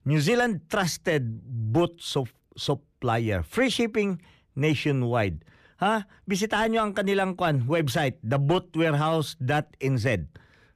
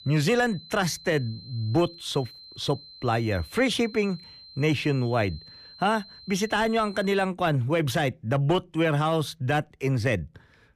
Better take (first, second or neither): first